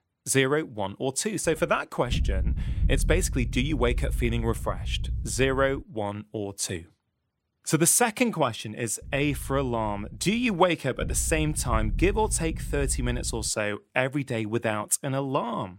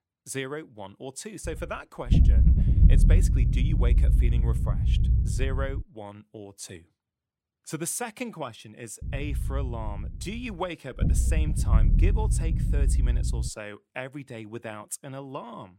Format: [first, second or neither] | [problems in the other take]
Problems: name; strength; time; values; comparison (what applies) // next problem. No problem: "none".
first | low rumble; loud; from 1.5 to 6 s and from 9 to 13 s; 3 dB below the speech; faint in the first